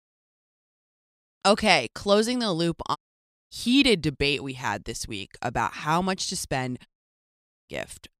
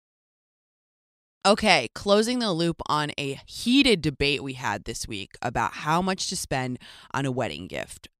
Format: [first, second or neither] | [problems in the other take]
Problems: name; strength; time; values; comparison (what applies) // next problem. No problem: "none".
second | audio cutting out; at 3 s for 0.5 s and at 7 s for 1 s